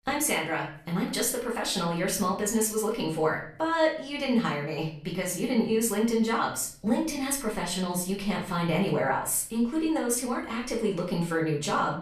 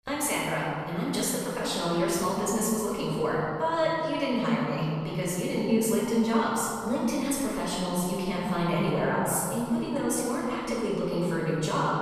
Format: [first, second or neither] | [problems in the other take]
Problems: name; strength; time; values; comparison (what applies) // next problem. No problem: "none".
first | room echo; strong; dies away in 2.9 s; slight in the first // off-mic speech; far; far in the first